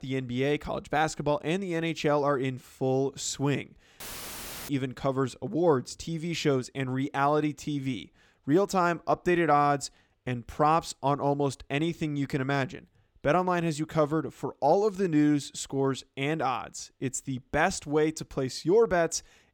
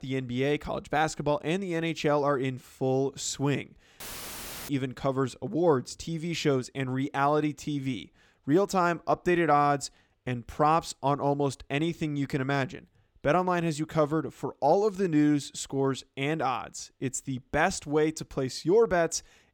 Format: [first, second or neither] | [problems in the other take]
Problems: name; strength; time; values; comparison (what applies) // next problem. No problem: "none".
neither | audio cutting out; filled with static; at 4 s for 0.5 s; the same in both